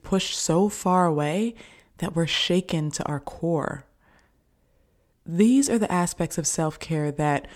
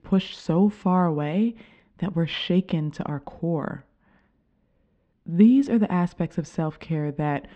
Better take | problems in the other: first | muffled; slightly; fading above 3.5 kHz

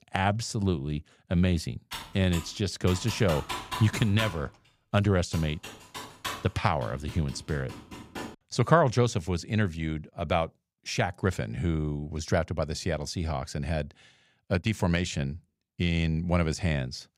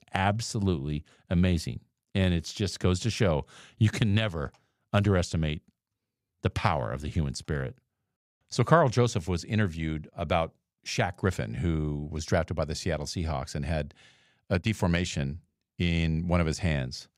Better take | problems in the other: second | keyboard typing; noticeable; from 2 to 8.5 s; peak 5 dB below the speech

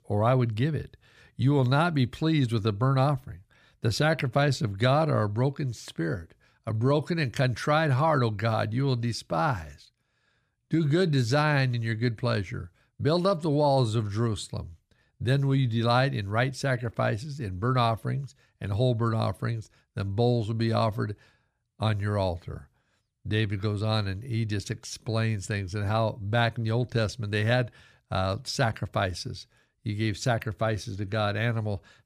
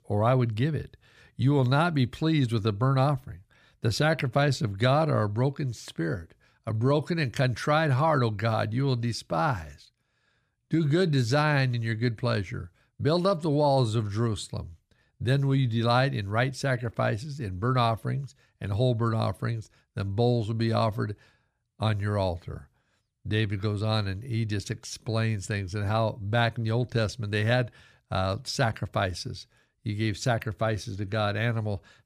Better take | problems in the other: neither | none

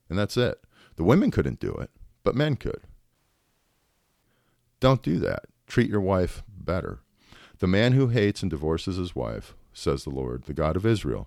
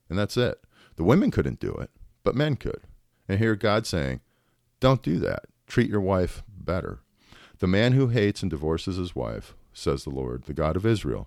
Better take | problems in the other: second | audio cutting out; at 3 s for 1 s

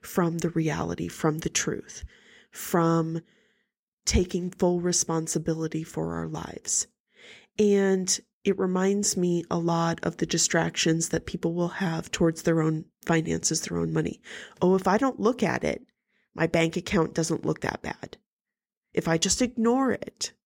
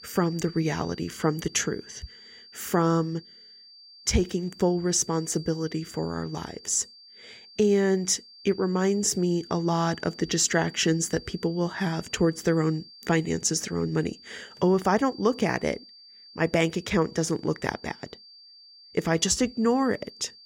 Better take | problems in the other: first | high-pitched whine; faint; throughout; 4.5 kHz, 20 dB below the speech

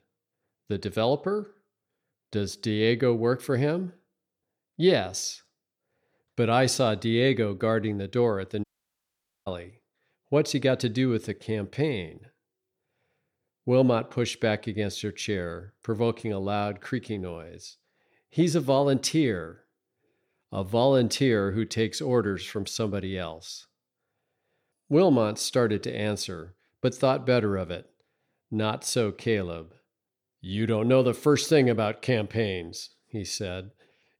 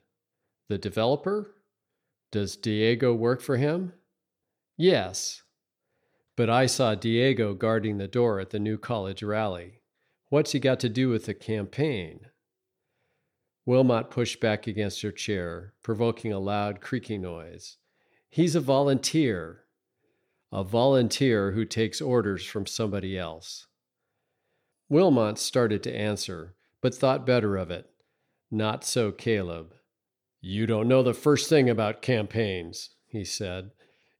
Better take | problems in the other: second | audio cutting out; at 8.5 s for 1 s

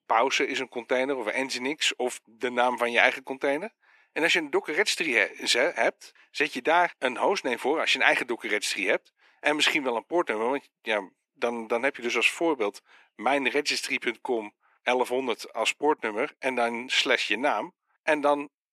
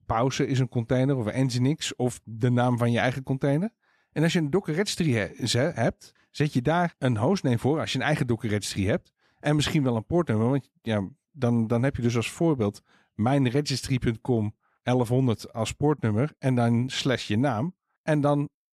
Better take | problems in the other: second | thin; very; fading below 350 Hz

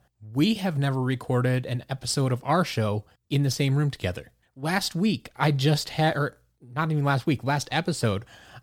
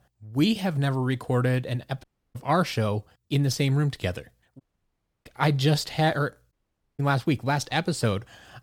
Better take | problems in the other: first | audio cutting out; at 2 s, at 4.5 s for 0.5 s and at 6.5 s

